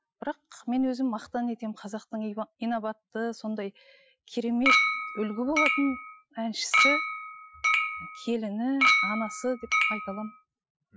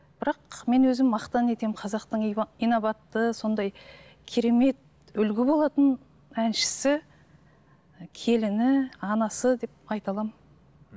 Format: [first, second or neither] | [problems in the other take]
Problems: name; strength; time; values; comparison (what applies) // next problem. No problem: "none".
second | noise reduction (classical method Wiener filter)